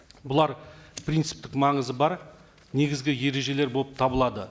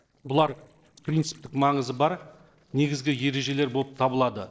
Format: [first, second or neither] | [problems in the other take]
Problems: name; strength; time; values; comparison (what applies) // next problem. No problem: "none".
first | noise reduction (neural separator model SepFormer DNS4)